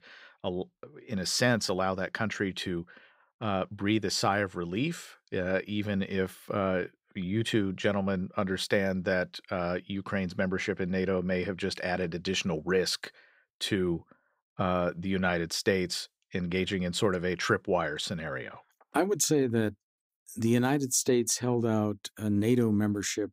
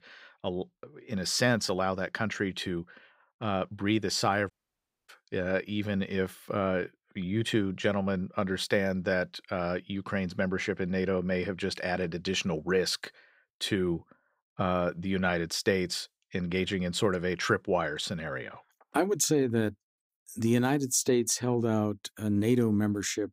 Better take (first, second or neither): first